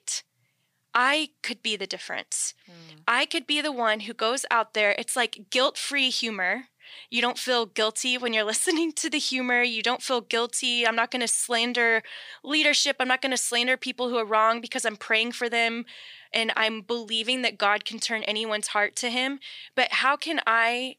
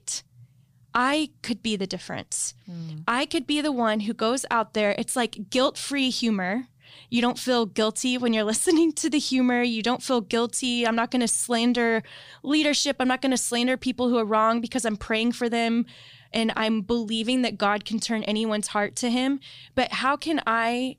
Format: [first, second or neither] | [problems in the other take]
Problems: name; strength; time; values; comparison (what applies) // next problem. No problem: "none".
second | thin; somewhat; fading below 400 Hz